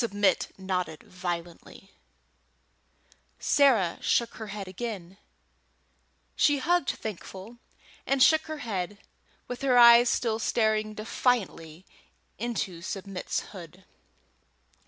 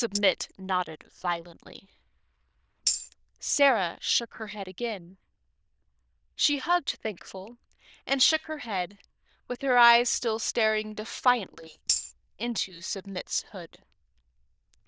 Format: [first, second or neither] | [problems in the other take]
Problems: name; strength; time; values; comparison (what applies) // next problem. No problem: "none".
first | noise reduction (neural diffusion model UNIVERSE++)